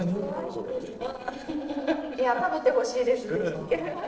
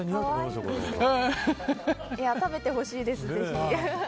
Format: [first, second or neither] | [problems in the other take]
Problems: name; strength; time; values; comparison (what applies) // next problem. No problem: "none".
second | noise reduction (neural separator model SepFormer DNS4)